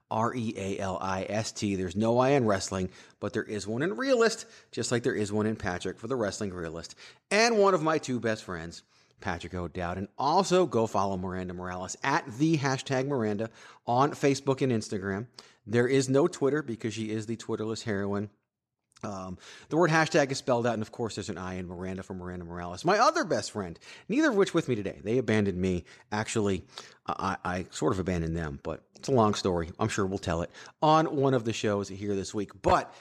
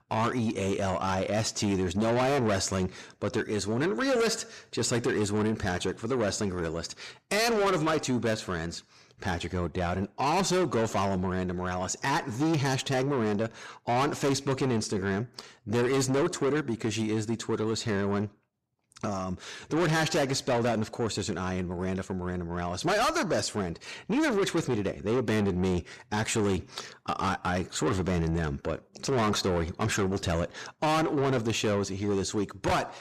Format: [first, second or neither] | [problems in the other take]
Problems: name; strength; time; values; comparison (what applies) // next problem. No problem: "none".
first | distortion; heavy; 6 dB below the speech